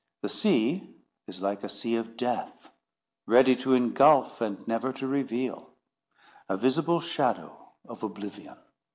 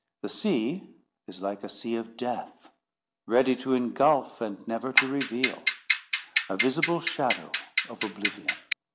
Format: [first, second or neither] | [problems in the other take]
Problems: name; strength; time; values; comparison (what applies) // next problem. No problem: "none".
first | background sound (Clock); as loud as the speech